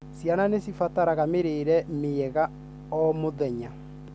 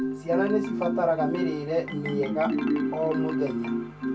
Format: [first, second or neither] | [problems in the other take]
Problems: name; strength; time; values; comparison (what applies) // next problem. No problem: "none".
first | background sound (Marimba, xylophone); as loud as the speech // room echo; dies away in 0.2 s